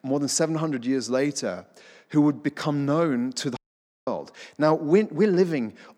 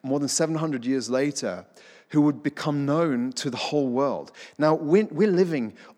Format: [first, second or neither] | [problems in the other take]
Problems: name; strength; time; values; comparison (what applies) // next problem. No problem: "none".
second | audio cutting out; at 3.5 s for 0.5 s